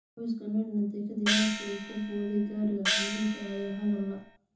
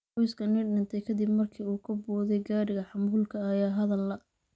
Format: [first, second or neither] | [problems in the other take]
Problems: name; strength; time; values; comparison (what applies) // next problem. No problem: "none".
second | background sound (Gong); 3 dB below the speech // room echo; dies away in 0.5 s